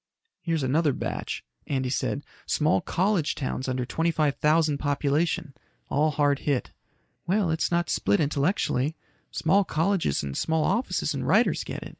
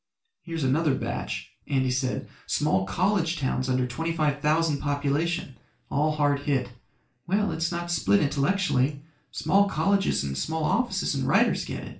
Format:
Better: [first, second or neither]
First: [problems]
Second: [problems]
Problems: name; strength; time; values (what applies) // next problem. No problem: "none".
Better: first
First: none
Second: room echo; dies away in 0.3 s